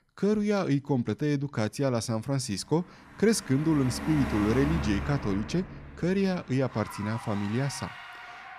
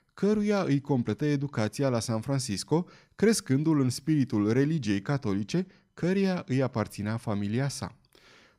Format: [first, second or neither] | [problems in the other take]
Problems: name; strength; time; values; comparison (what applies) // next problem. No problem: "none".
second | traffic noise; loud; throughout; 10 dB below the speech